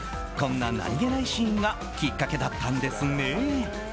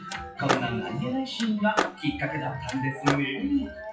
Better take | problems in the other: first | noise reduction (classical method WPE with log-MMSE)

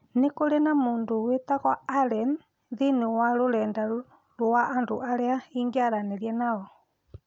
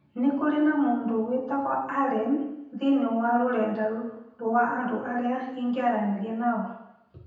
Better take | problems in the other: first | room echo; dies away in 0.9 s

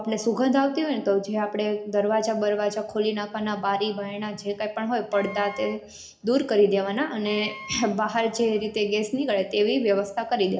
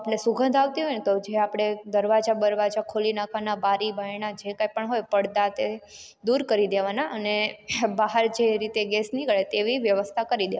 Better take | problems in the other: second | background sound (Wind instrument, woodwind instrument); 17 dB below the speech // room echo; dies away in 0.4 s

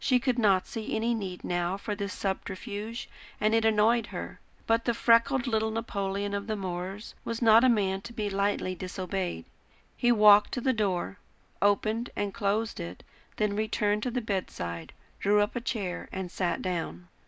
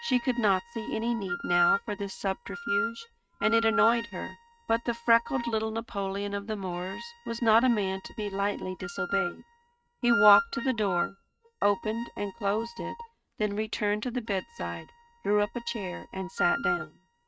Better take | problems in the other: first | noise reduction (neural mask model RNNoise)

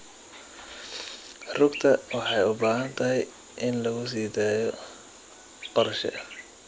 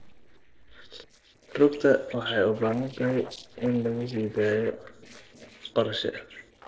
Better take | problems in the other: first | noise reduction (neural separator model SepFormer DNS4)

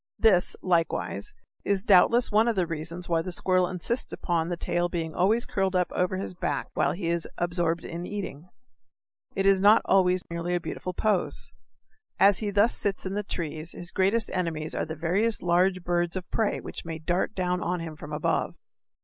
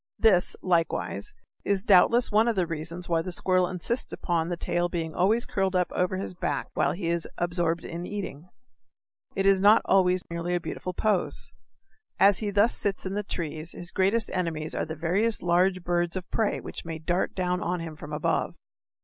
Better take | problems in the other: second | noise reduction (neural mask model Resemble Enhance denoiser)

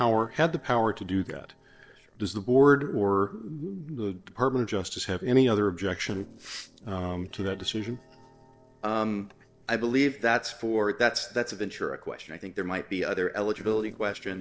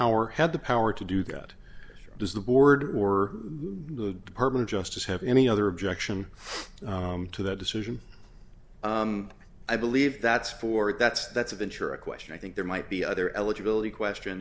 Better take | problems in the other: second | noise reduction (neural separator model SepFormer DNS4)

